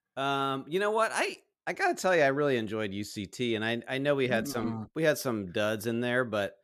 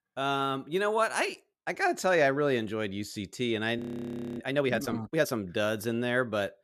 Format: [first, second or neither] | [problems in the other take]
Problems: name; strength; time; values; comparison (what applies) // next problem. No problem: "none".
first | audio freezing; at 4 s for 0.5 s